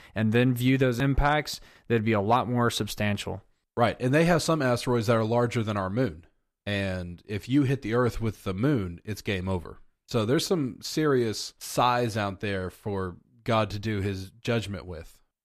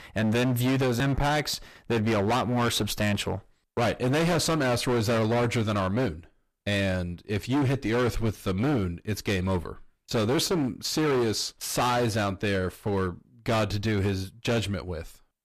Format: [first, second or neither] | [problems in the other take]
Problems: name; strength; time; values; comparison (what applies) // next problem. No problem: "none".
first | distortion; heavy; 21% of the sound clipped